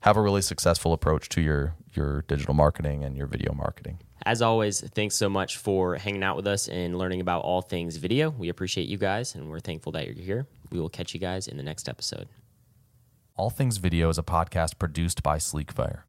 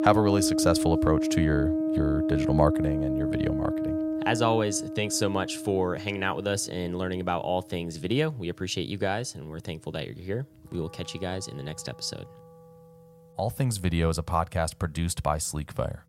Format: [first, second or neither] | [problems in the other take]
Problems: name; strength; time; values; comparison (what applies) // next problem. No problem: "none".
first | background music; very loud; throughout; as loud as the speech